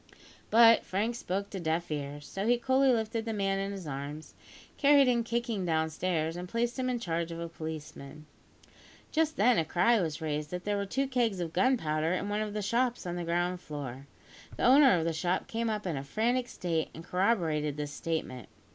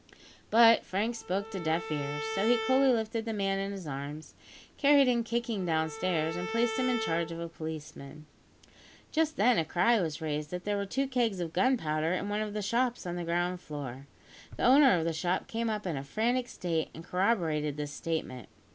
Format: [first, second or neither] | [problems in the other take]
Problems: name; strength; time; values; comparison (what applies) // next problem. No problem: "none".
first | background sound (Bowed string instrument); 9 dB below the speech